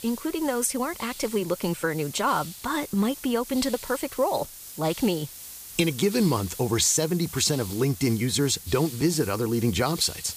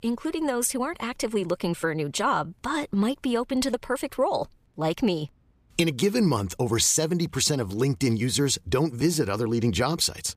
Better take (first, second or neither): second